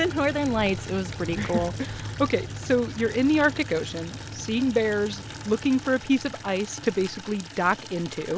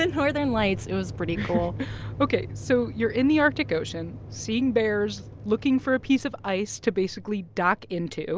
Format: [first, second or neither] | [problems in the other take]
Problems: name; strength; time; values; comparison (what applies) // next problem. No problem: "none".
second | background sound (Water tap, faucet / Liquid); 16 dB below the speech